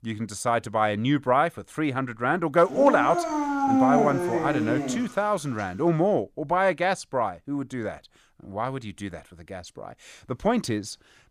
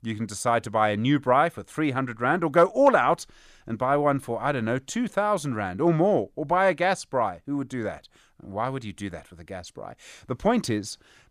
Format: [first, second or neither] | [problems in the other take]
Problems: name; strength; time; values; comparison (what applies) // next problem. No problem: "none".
second | dog barking; loud; from 2.5 to 5 s; peak 4 dB above the speech